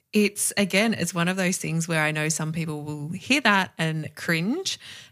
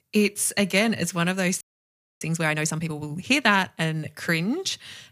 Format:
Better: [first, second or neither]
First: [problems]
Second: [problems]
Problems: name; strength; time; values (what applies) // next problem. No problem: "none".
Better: first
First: none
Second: audio freezing; at 1.5 s for 0.5 s